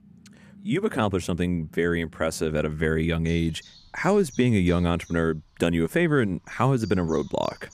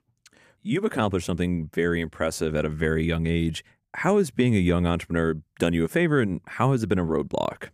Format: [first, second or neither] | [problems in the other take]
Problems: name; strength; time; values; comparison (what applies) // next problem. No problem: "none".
second | animal sounds; faint; throughout; 25 dB below the speech